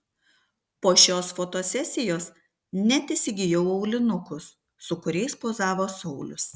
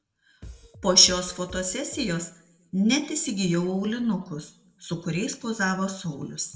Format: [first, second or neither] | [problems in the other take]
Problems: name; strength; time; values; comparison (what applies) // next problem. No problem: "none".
first | background sound (Drum kit); 18 dB below the speech // room echo; dies away in 0.5 s